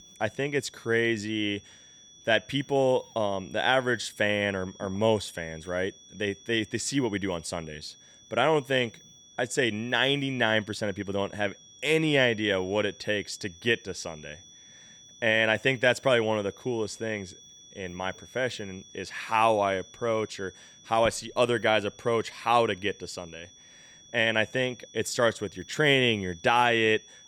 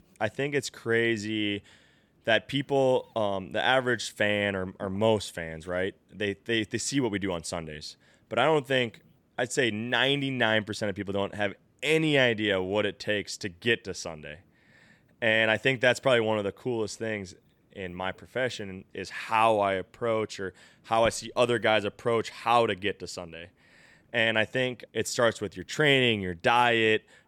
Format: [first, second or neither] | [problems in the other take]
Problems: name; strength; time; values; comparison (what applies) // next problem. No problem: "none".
second | high-pitched whine; faint; throughout; 3.5 kHz, 25 dB below the speech